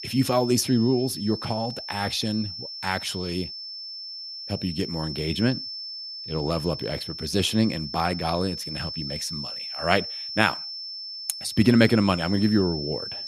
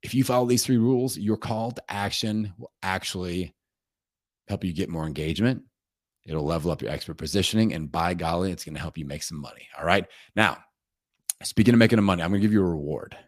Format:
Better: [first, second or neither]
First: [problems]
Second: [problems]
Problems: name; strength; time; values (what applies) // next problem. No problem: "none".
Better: second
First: high-pitched whine; loud; throughout; 5.5 kHz, 8 dB below the speech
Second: none